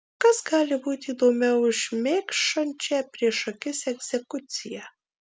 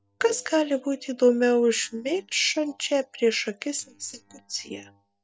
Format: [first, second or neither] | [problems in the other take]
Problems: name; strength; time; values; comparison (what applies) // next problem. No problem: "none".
first | noise reduction (neural mask model DeepFilterNet 3)